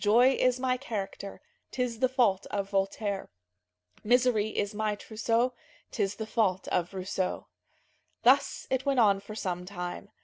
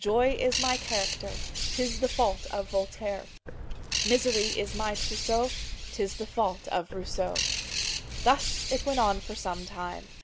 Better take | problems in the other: first | background sound (Bird); 4 dB below the speech

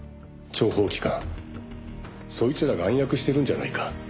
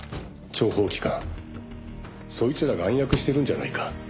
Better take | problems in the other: first | background sound (Slam); 14 dB below the speech

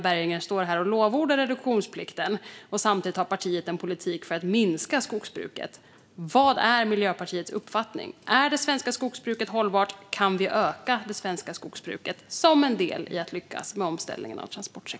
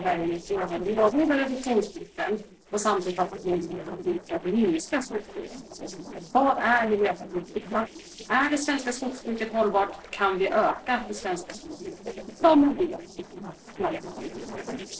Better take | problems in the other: first | noise reduction (neural separator model SepFormer DNS4)

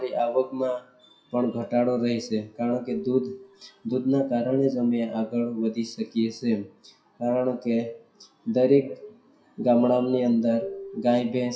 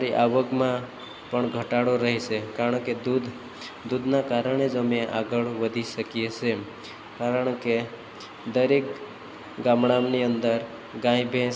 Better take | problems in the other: second | noise reduction (classical method WPE with log-MMSE)

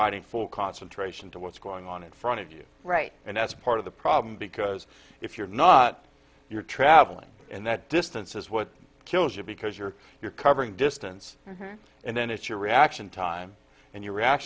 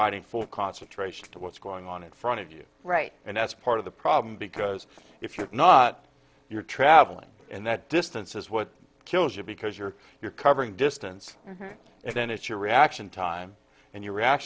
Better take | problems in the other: first | noise reduction (neural separator model SepFormer DNS4)

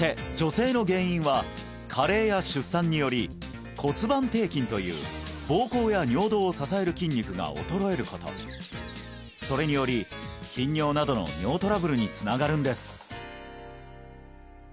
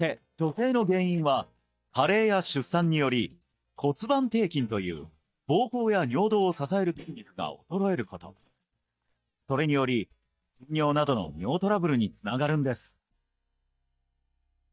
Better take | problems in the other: first | noise reduction (neural mask model DeepFilterNet 3)

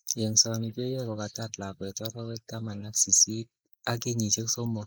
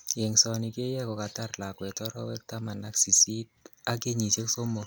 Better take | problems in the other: second | noise reduction (neural mask model Resemble Enhance denoiser)

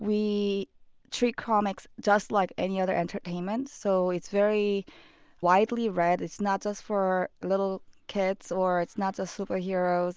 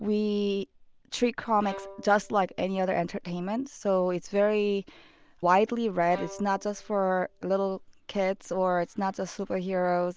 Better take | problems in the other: first | background sound (Bowed string instrument); 19 dB below the speech

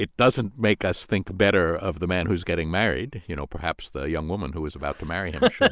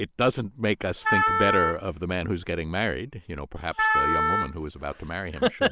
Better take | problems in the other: first | background sound (Wind instrument, woodwind instrument); 2 dB above the speech

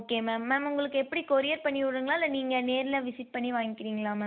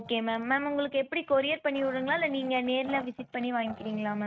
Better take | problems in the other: first | noise reduction (neural mask model RNNoise)

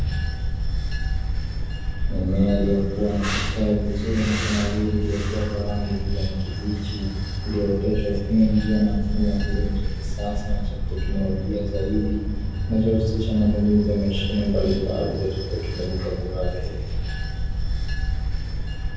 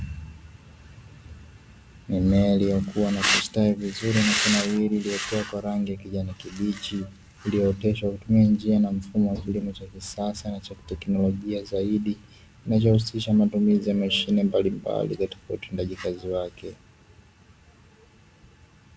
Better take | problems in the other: second | background sound (Bell / Train); as loud as the speech // room echo; dies away in 1.1 s

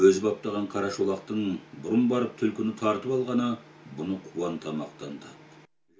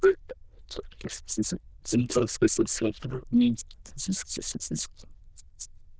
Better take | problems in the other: first | noise reduction (neural diffusion model UNIVERSE++)

